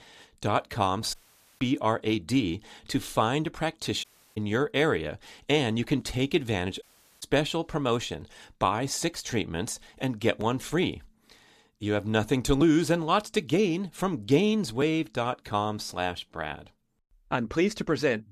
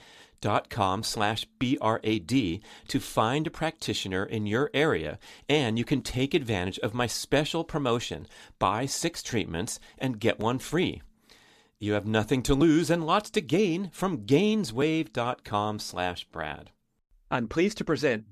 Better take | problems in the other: second | audio cutting out; at 1 s, at 4 s and at 7 s

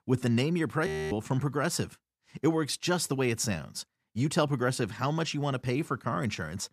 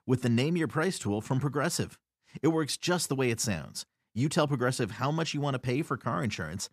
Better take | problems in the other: second | audio freezing; at 1 s

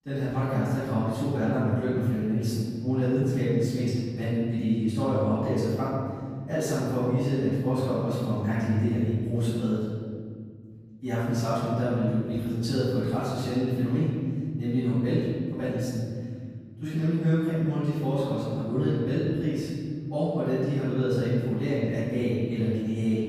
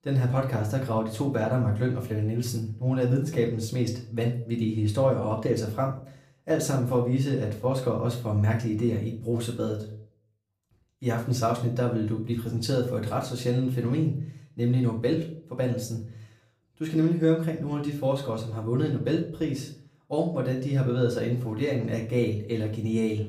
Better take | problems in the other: second | room echo; strong; dies away in 2.3 s; slight in the second // off-mic speech; far; far in the second

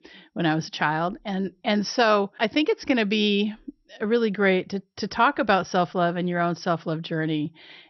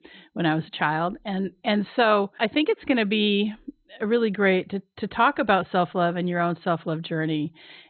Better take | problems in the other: first | garbled, watery; badly; nothing above 4 kHz; slightly in the first

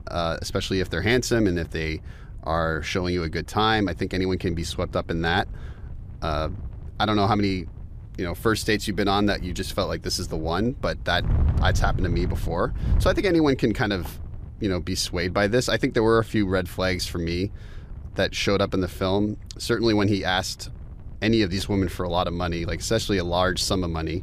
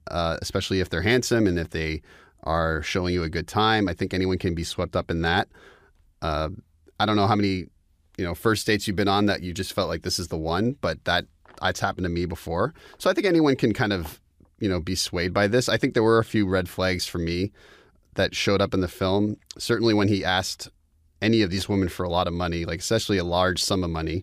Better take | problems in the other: second | wind noise on the microphone; occasional gusts; 25 dB below the speech

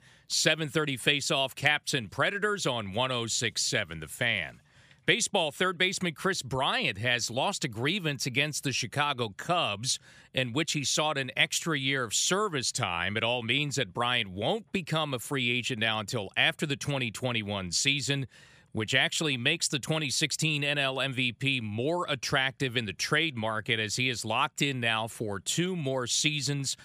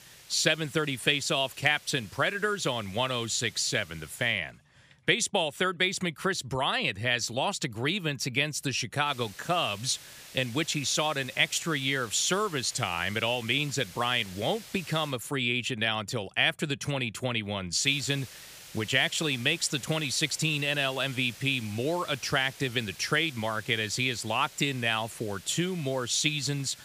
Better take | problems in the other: first | hiss; noticeable; until 4.5 s, from 9 to 15 s and from 18 s on; 20 dB below the speech

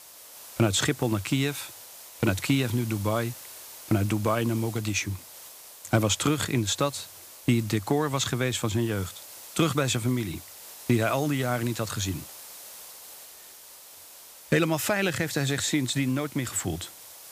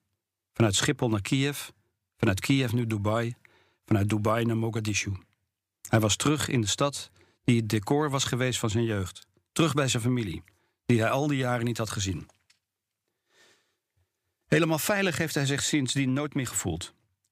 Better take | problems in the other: second | hiss; noticeable; throughout; 15 dB below the speech

